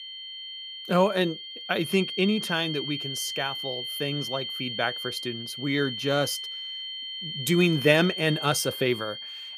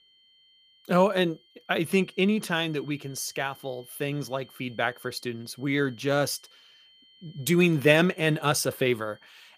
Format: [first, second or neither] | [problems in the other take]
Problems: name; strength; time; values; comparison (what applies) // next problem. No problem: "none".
second | high-pitched whine; loud; throughout; 3 kHz, 6 dB below the speech; faint in the second